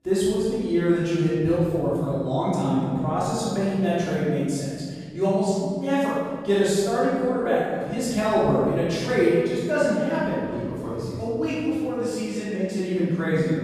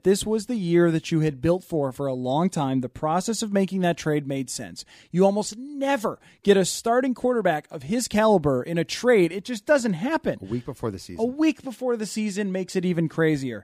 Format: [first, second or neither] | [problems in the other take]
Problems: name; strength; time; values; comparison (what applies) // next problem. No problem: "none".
second | off-mic speech; far // room echo; strong; dies away in 2.5 s